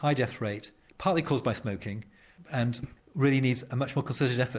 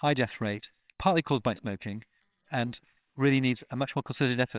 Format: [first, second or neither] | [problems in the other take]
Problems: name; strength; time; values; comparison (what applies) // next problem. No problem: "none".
first | noise reduction (neural separator model SepFormer WHAMR!)